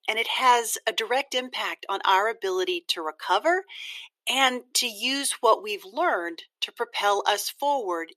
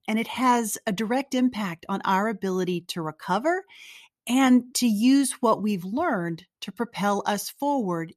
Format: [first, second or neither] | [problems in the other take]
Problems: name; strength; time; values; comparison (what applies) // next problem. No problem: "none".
second | thin; very; fading below 350 Hz